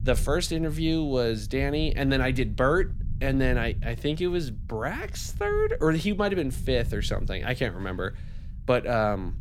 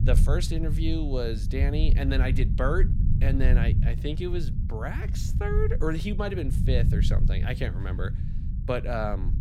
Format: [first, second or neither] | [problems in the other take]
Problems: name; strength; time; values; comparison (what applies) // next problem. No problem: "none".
first | low rumble; loud; throughout; 9 dB below the speech; faint in the first